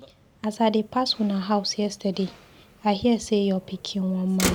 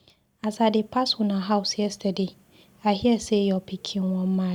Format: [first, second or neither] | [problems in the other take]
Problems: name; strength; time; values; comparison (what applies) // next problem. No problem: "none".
second | background sound (Motor vehicle (road)); 12 dB below the speech